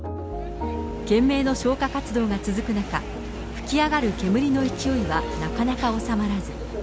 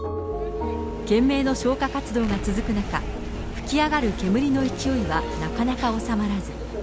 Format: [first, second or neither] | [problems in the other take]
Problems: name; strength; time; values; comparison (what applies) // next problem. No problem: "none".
first | background sound (Explosion + Chink, clink); 11 dB below the speech